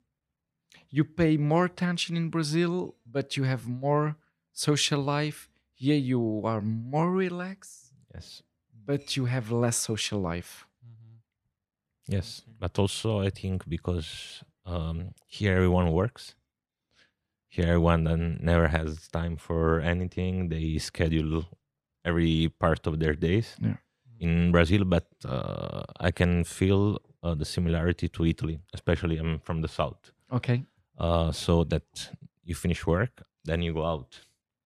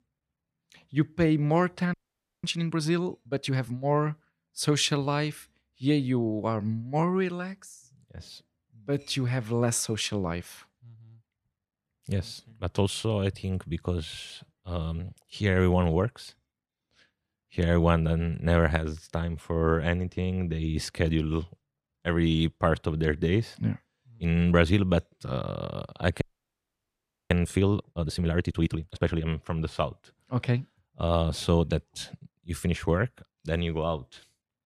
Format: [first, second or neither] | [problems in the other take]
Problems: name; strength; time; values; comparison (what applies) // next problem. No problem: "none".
first | audio freezing; at 2 s and at 26 s for 1 s